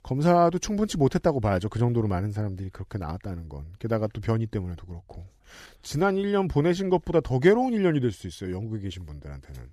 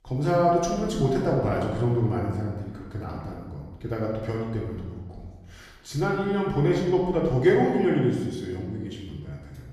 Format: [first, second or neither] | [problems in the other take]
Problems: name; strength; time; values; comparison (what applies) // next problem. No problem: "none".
first | room echo; noticeable; dies away in 1.1 s // off-mic speech; far